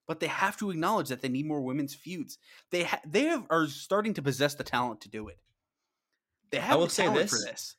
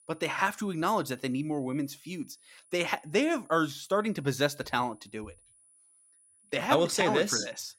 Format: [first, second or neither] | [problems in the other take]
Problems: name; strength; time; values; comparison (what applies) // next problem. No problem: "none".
first | high-pitched whine; faint; throughout; 10 kHz, 30 dB below the speech